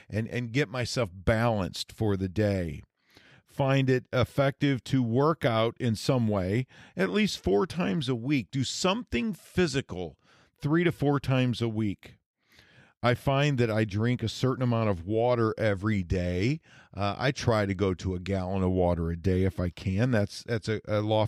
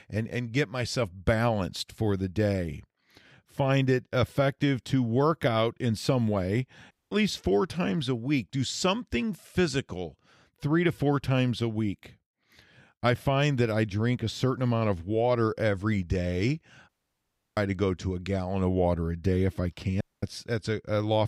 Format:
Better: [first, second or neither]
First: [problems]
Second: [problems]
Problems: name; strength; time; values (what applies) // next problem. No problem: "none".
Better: first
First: none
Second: audio cutting out; at 7 s, at 17 s for 0.5 s and at 20 s